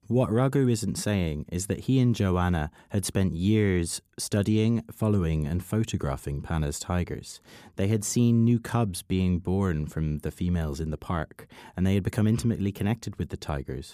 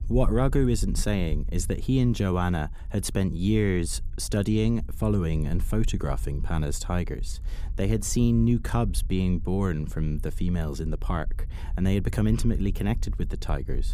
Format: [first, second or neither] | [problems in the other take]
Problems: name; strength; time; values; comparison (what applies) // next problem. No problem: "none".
first | low rumble; faint; throughout; 25 dB below the speech